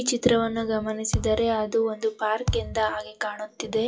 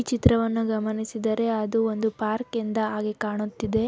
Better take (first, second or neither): second